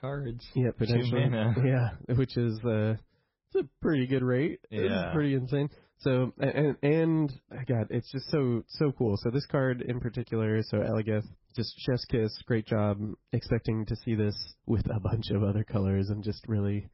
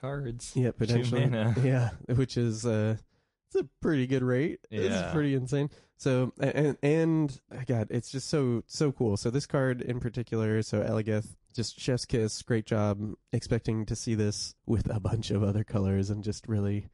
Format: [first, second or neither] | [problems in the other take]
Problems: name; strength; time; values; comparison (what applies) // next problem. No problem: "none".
second | garbled, watery; badly; nothing above 5.5 kHz; slightly in the second